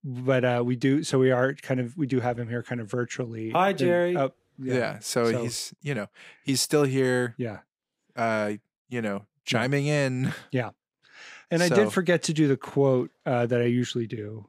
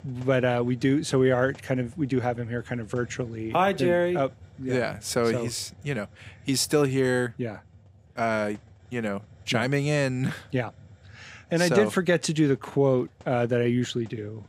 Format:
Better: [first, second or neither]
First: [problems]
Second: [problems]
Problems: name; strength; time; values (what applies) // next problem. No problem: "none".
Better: first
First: none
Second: hiss; faint; throughout; 25 dB below the speech